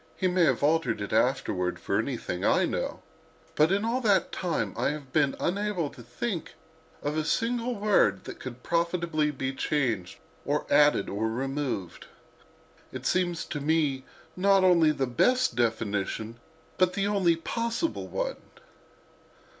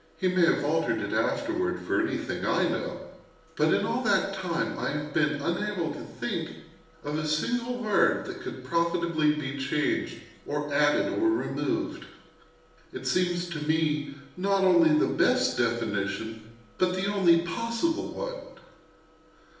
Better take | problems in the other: first | room echo; dies away in 0.9 s

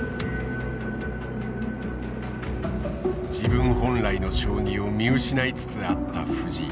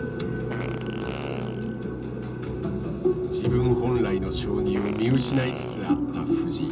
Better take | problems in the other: first | background sound (Fart); 14 dB below the speech // room echo; dies away in 0.2 s

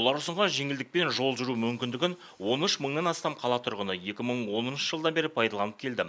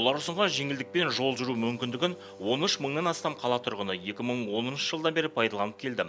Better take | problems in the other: first | background sound (Wind instrument, woodwind instrument); 19 dB below the speech

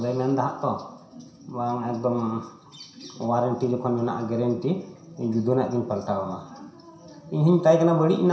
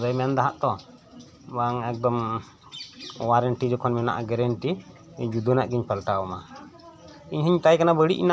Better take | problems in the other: second | room echo; dies away in 0.7 s

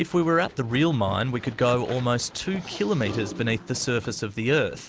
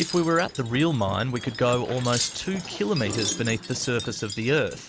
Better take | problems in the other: first | background sound (Wind chime); 11 dB below the speech

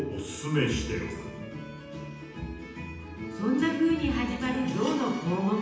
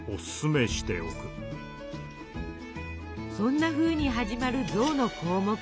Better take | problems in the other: second | room echo; dies away in 0.9 s

